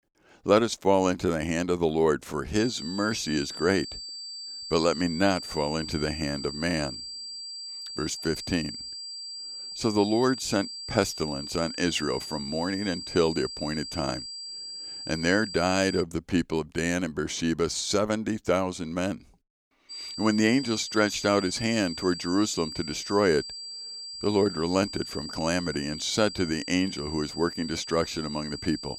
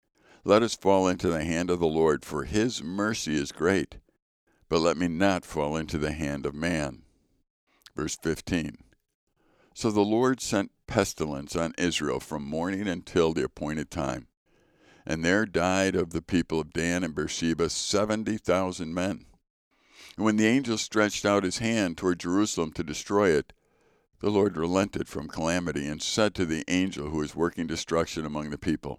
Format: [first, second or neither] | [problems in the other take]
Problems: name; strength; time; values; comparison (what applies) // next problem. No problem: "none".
second | high-pitched whine; loud; from 2.5 to 16 s and from 20 s on; 4.5 kHz, 9 dB below the speech